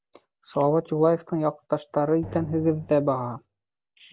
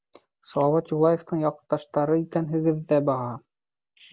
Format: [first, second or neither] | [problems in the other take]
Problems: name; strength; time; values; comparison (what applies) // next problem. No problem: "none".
second | background sound (Drum); 17 dB below the speech